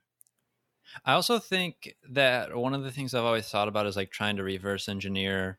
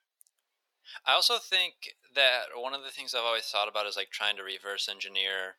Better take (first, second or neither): first